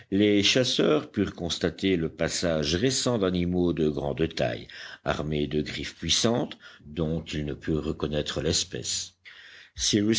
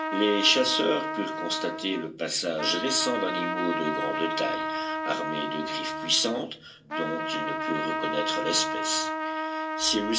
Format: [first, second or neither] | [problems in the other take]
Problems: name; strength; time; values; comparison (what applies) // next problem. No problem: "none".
first | background sound (Trumpet); 2 dB below the speech // room echo; dies away in 0.2 s